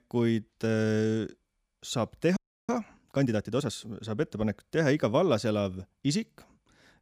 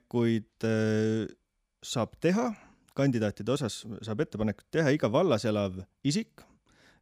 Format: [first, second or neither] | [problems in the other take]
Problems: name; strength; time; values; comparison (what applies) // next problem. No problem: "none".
second | audio freezing; at 2.5 s